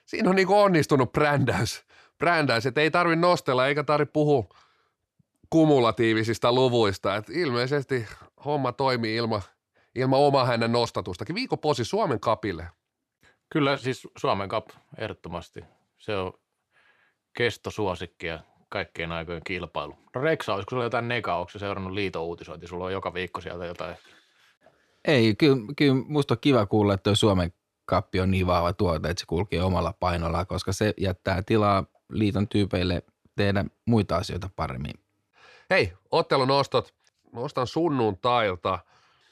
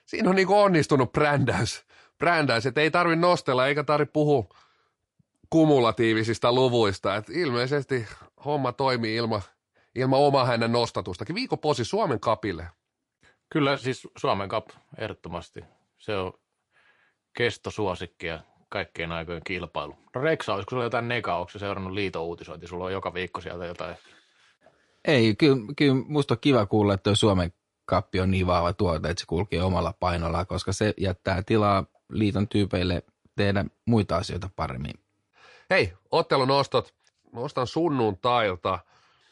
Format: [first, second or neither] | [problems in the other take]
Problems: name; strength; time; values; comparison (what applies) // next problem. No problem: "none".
first | garbled, watery; slightly; nothing above 11 kHz